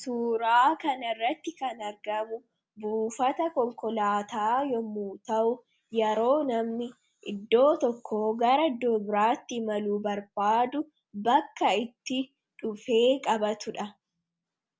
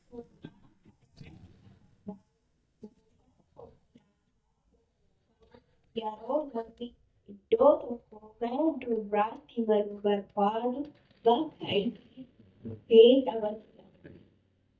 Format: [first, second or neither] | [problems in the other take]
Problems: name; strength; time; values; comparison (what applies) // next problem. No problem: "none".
first | noise reduction (neural mask model DeepFilterNet 3)